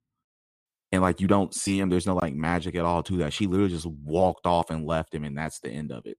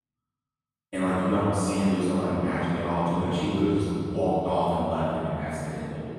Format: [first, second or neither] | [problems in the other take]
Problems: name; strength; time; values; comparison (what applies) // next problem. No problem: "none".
first | off-mic speech; far // room echo; strong; dies away in 2.5 s